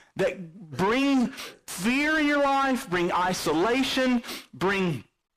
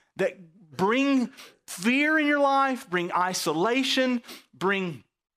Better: second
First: distortion; heavy; 7 dB below the speech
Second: none

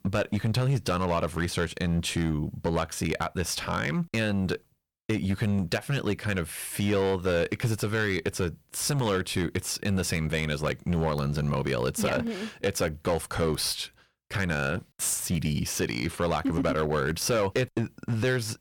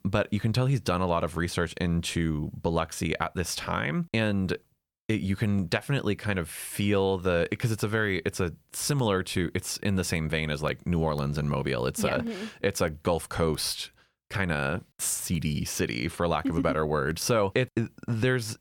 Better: second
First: distortion; slight; 8% of the sound clipped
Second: none

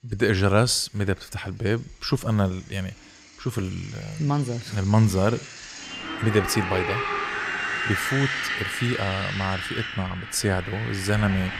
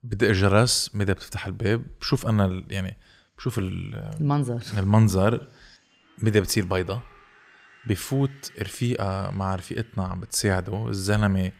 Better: second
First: traffic noise; loud; throughout; 4 dB below the speech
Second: traffic noise; faint; throughout; 30 dB below the speech

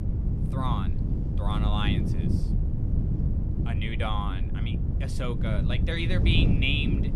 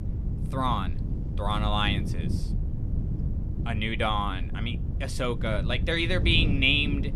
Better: second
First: wind noise on the microphone; heavy; 7 dB below the speech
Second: wind noise on the microphone; occasional gusts; 15 dB below the speech

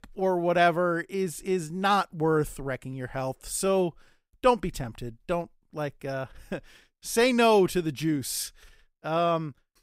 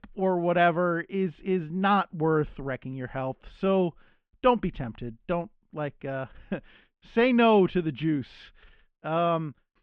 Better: first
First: none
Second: muffled; very; fading above 3 kHz

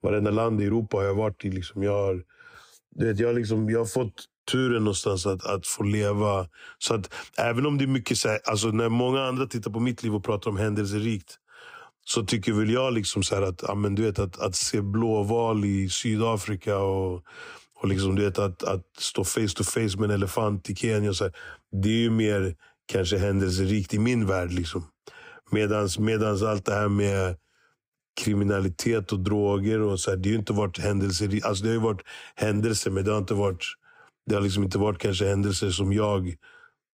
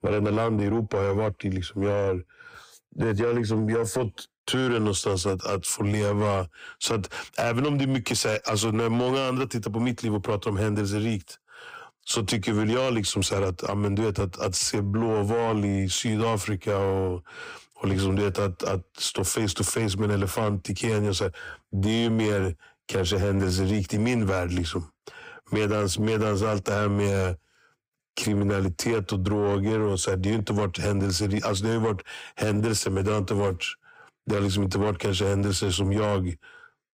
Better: first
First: none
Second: distortion; slight; 10 dB below the speech

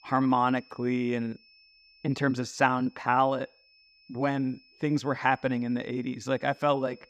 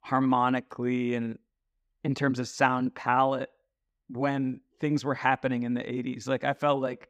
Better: second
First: high-pitched whine; faint; throughout; 2.5 kHz, 30 dB below the speech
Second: none

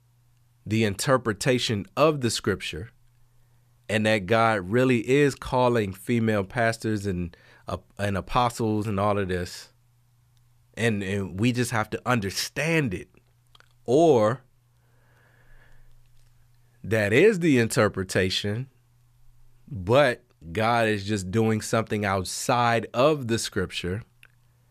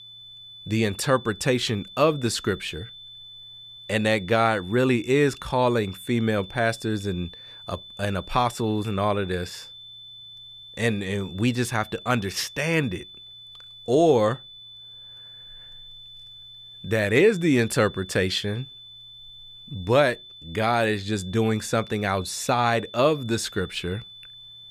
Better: first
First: none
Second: high-pitched whine; noticeable; throughout; 3.5 kHz, 15 dB below the speech

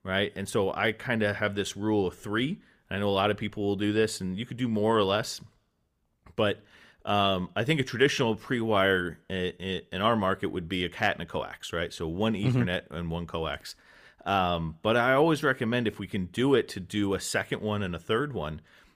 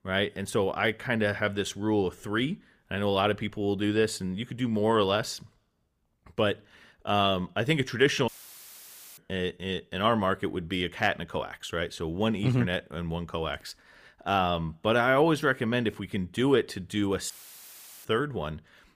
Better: first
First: none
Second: audio cutting out; filled with static; at 8.5 s for 1 s and at 17 s for 1 s

